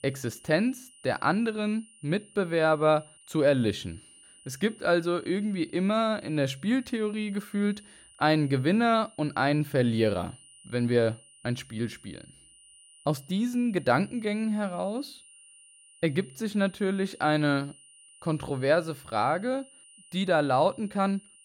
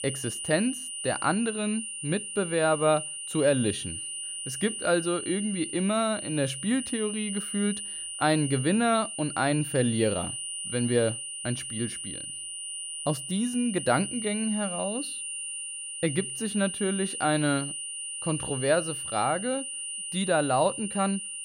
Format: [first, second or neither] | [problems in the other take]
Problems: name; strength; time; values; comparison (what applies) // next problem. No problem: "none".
first | high-pitched whine; loud; throughout; 9.5 kHz, 5 dB below the speech; faint in the first